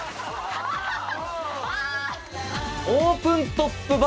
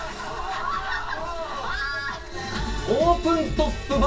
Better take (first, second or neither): first